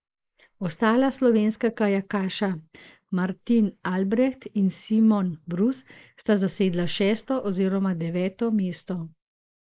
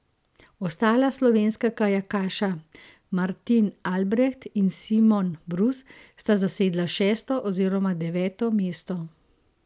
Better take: second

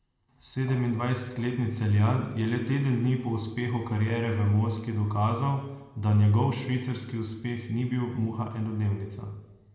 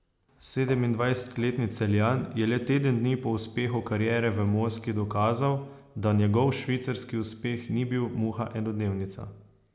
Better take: second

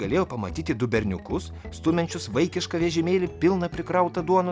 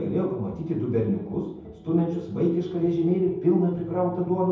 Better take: first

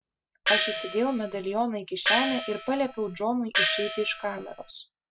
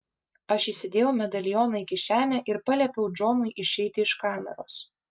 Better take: second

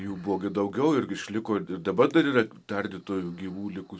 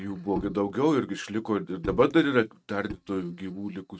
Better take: first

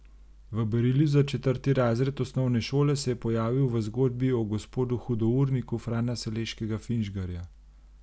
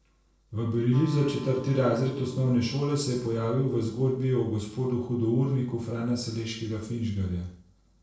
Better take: first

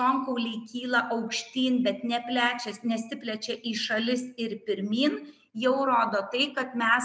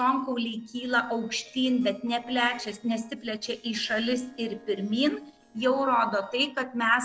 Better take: first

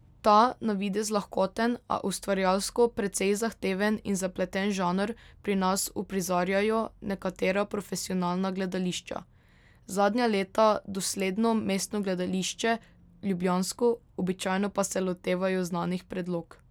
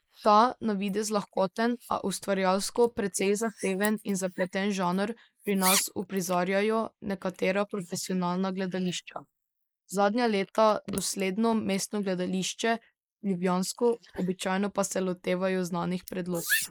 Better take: first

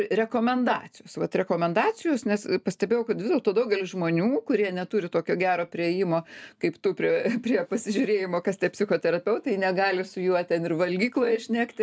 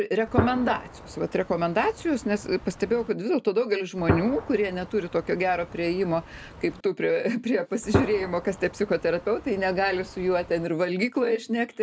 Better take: first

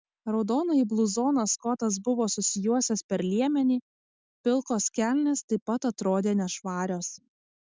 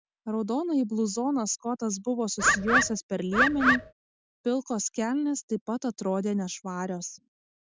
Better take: first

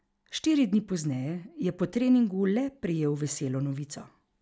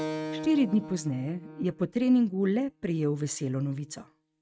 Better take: first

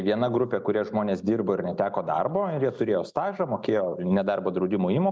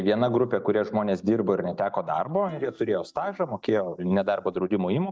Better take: first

